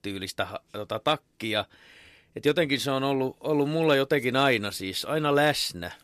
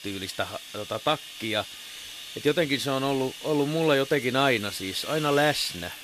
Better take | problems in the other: first | household noises; noticeable; throughout; 10 dB below the speech

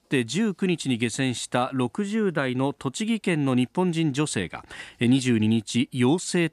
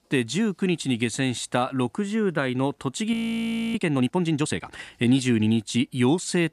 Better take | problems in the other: first | audio freezing; at 3 s for 0.5 s

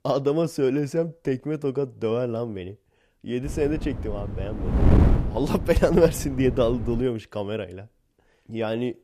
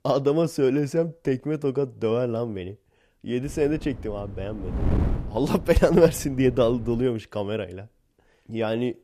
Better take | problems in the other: second | wind noise on the microphone; heavy; from 3.5 to 7 s; 8 dB below the speech; occasional gusts in the second

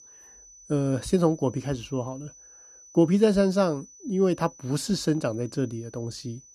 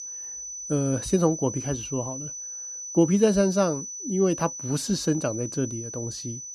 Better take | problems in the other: first | high-pitched whine; loud; throughout; 6 kHz, 8 dB below the speech; faint in the first

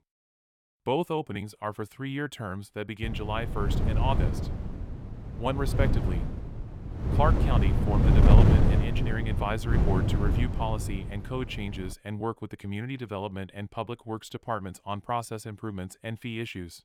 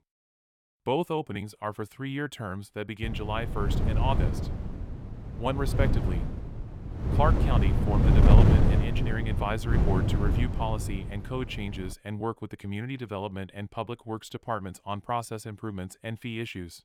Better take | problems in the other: neither | wind noise on the microphone; heavy; from 3 to 12 s; 2 dB below the speech; the same in both

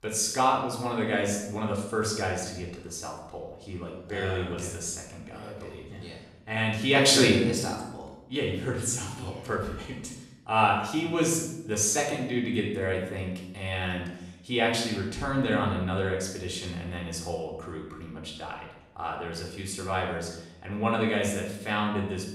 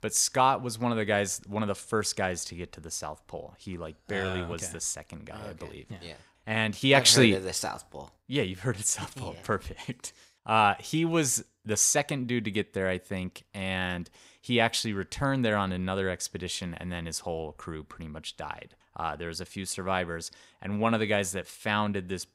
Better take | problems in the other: second | off-mic speech; far // room echo; noticeable; dies away in 0.8 s

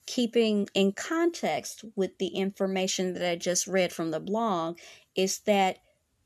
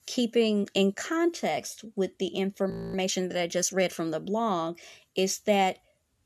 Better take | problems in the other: first | audio freezing; at 2.5 s

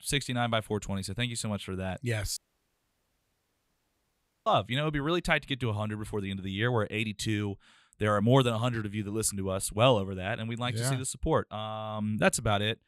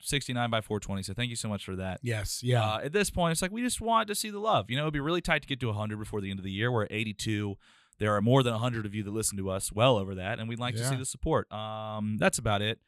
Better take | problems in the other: second | audio cutting out; at 2.5 s for 2 s

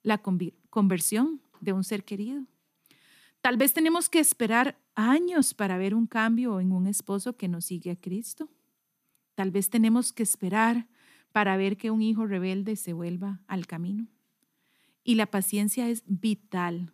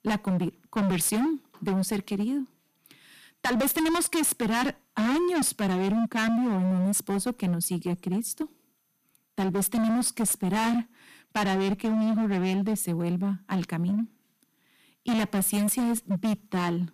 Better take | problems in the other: first | distortion; heavy; 25% of the sound clipped

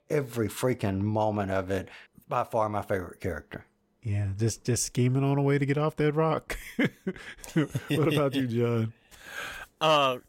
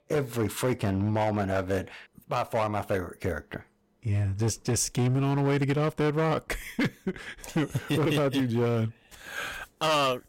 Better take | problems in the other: first | distortion; slight; 11% of the sound clipped

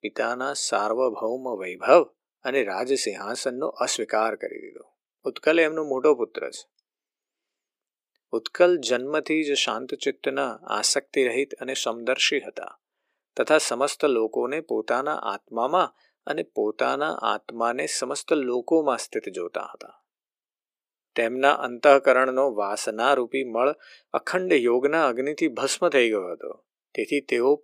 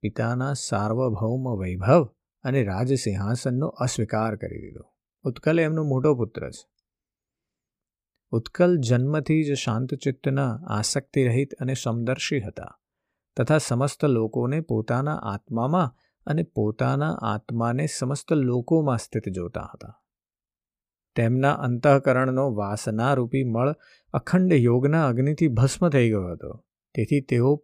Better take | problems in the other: second | thin; very; fading below 350 Hz

